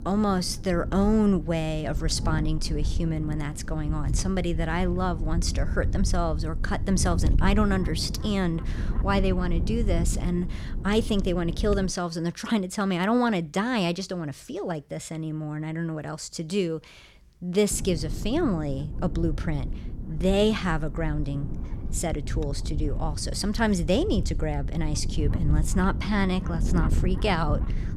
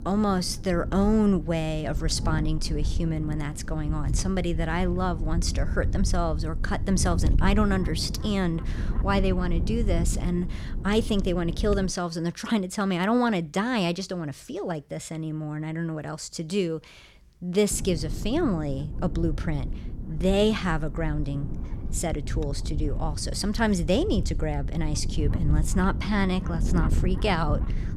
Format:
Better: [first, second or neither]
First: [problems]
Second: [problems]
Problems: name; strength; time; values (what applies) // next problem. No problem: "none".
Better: neither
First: wind noise on the microphone; occasional gusts; until 12 s and from 18 s on; 15 dB below the speech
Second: wind noise on the microphone; occasional gusts; until 12 s and from 18 s on; 15 dB below the speech